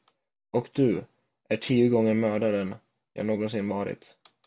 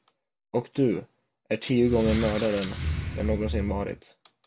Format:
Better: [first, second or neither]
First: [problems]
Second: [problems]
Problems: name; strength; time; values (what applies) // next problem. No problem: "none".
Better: first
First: none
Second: background sound (Squeak); 4 dB below the speech